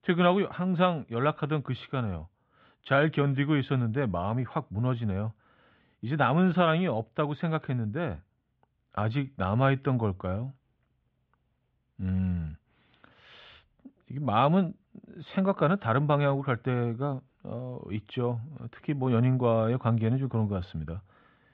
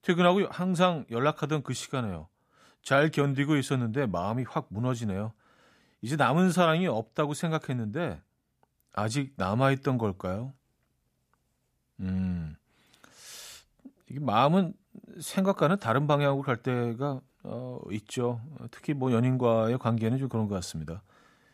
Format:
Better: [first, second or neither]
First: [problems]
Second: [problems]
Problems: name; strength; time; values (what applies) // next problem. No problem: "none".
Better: second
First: muffled; very; fading above 3.5 kHz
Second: none